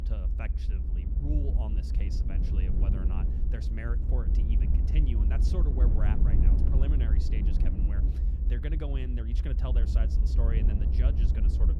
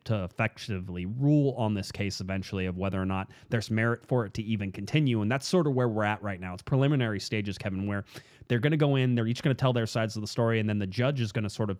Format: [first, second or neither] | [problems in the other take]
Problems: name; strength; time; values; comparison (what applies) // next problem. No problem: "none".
second | low rumble; loud; throughout; 1 dB below the speech